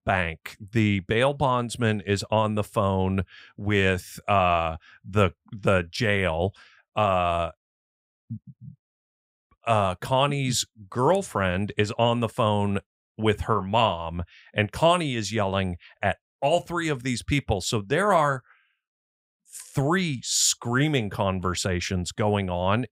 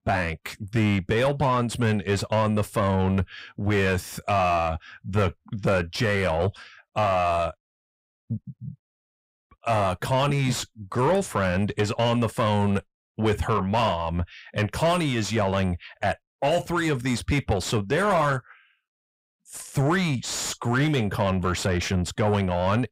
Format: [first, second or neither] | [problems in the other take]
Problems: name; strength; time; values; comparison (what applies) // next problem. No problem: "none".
first | distortion; heavy; 7 dB below the speech